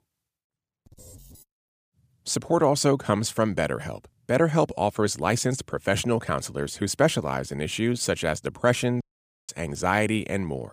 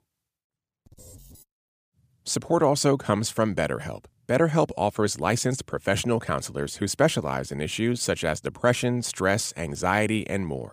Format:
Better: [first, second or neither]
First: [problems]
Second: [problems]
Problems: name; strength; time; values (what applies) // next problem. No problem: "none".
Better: second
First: audio cutting out; at 9 s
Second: none